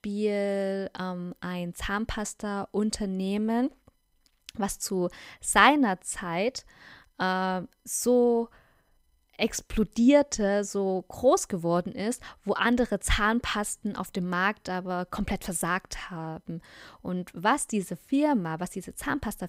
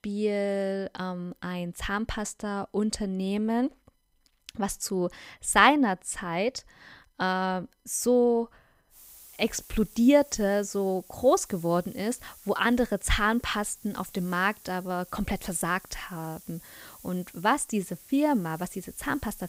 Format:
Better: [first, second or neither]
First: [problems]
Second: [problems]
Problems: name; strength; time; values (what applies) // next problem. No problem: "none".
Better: first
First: none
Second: hiss; faint; from 9 s on; 20 dB below the speech